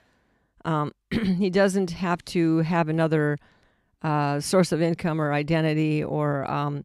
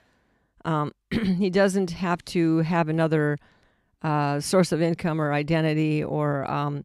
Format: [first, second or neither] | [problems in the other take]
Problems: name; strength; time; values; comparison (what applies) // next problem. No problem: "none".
neither | none